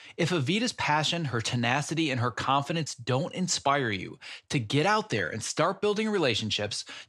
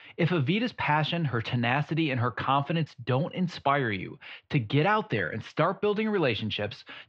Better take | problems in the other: first | muffled; very; fading above 3 kHz

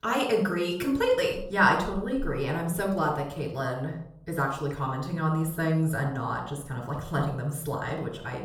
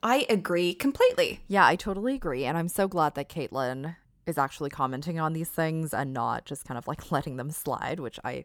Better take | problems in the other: second | off-mic speech; somewhat distant // room echo; slight; dies away in 0.5 s

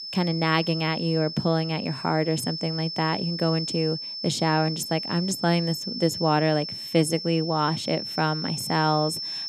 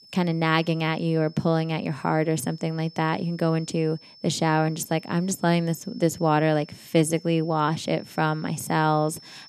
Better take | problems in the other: second | high-pitched whine; loud; throughout; 5.5 kHz, 6 dB below the speech; faint in the second

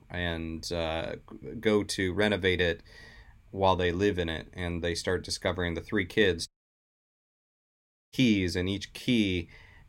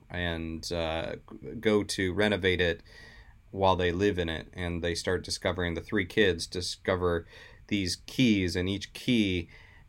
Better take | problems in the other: second | audio cutting out; at 6.5 s for 1.5 s

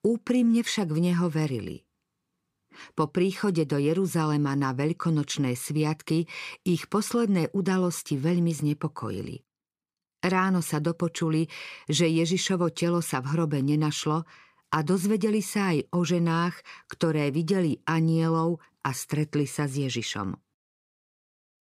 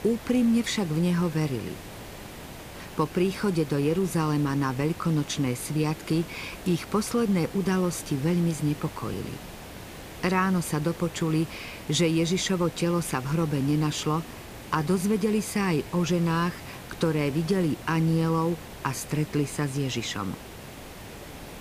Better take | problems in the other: first | hiss; noticeable; throughout; 15 dB below the speech

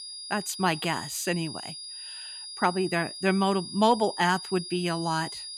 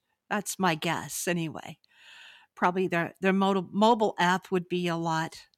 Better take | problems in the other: second | high-pitched whine; loud; throughout; 5 kHz, 10 dB below the speech

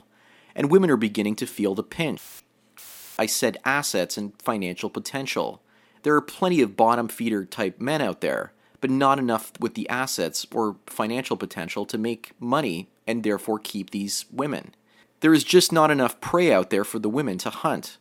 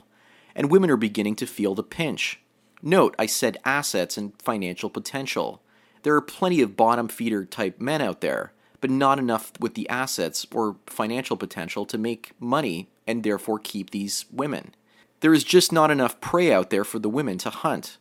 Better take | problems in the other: second | audio cutting out; filled with static; at 2 s and at 3 s

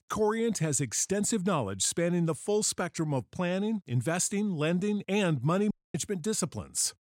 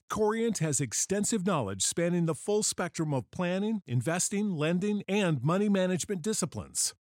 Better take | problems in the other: second | audio cutting out; at 5.5 s

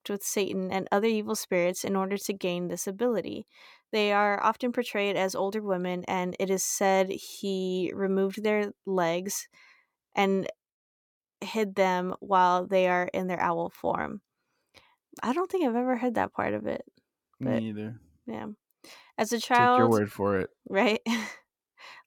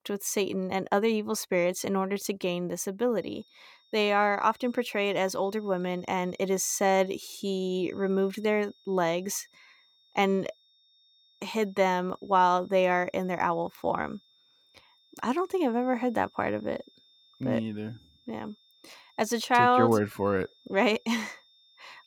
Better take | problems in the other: first | high-pitched whine; faint; from 3 s on; 3.5 kHz, 30 dB below the speech

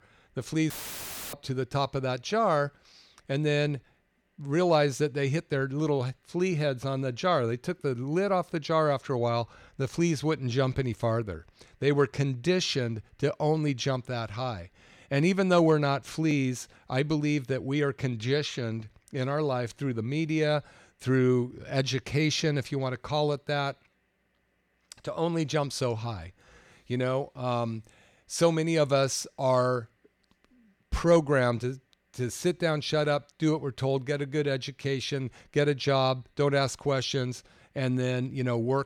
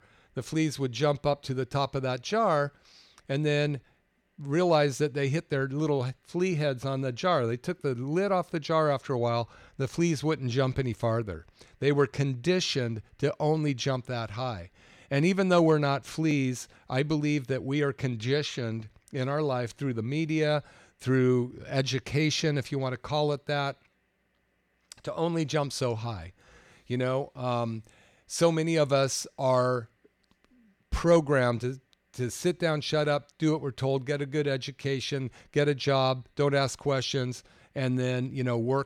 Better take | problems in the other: second | audio cutting out; filled with static; at 0.5 s for 0.5 s

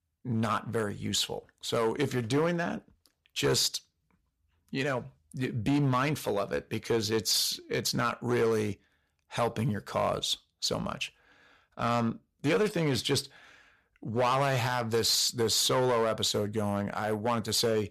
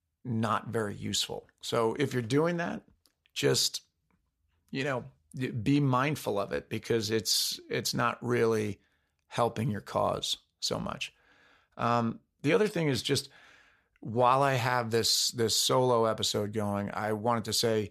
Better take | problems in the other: second | distortion; slight; 5% of the sound clipped

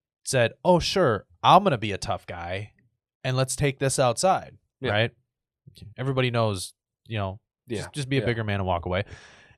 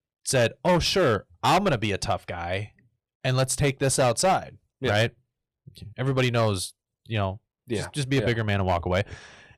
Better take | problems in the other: first | distortion; heavy; 7% of the sound clipped

